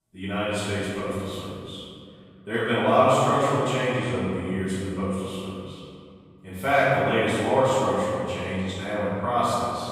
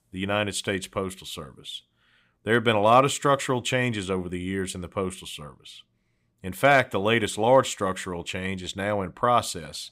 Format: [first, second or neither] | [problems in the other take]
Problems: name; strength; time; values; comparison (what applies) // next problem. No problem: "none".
second | off-mic speech; far // room echo; strong; dies away in 2.3 s